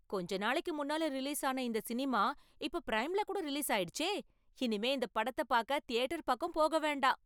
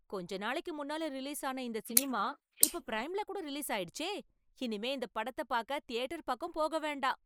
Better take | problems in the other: first | noise reduction (neural mask model Resemble Enhance denoiser)

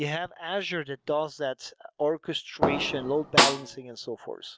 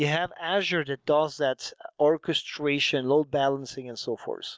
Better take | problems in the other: second | background sound (Fireworks + Snare drum); 4 dB above the speech

